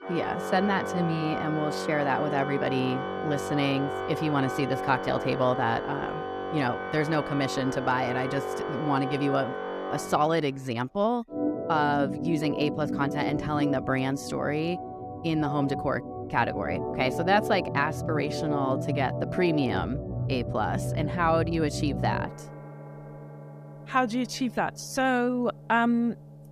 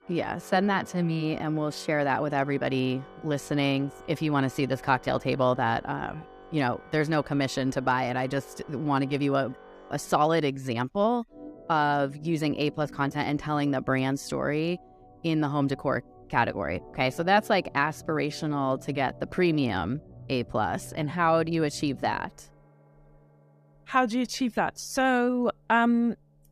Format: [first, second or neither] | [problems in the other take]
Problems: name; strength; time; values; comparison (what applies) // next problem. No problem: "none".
second | background music; loud; throughout; 5 dB below the speech; faint in the second